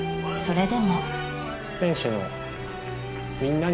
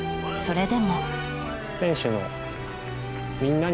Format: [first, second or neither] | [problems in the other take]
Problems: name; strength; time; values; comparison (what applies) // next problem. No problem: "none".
second | room echo; dies away in 0.6 s